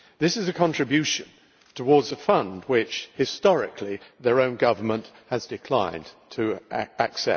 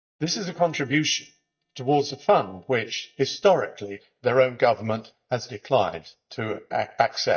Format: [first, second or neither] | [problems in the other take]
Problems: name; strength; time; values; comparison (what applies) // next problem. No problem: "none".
first | noise reduction (neural mask model DeepFilterNet 3)